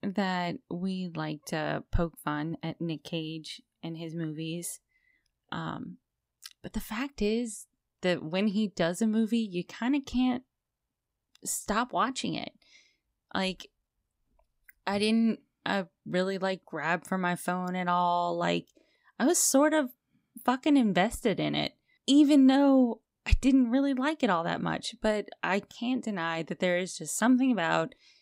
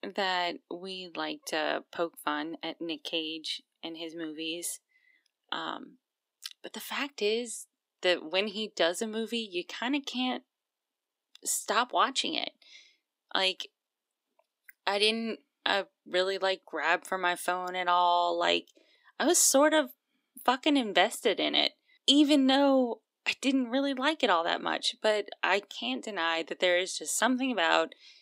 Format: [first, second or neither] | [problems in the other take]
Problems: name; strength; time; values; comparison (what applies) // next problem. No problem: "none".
first | thin; very slightly; fading below 300 Hz